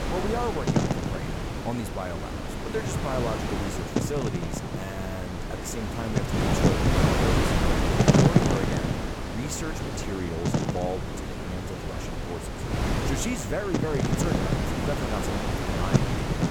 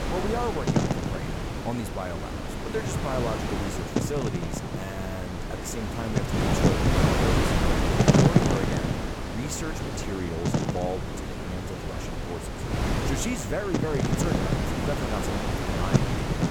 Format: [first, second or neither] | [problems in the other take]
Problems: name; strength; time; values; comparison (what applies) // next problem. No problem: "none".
neither | wind noise on the microphone; heavy; 5 dB above the speech; the same in both